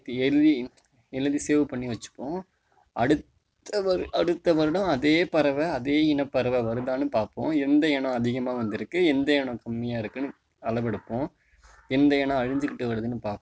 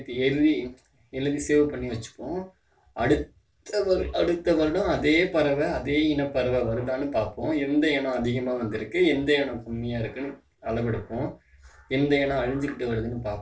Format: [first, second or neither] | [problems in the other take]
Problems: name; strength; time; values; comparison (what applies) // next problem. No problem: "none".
first | room echo; dies away in 0.2 s